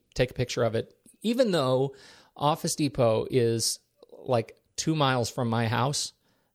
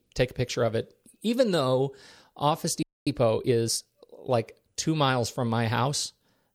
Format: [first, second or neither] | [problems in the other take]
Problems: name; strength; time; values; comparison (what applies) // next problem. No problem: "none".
first | audio freezing; at 3 s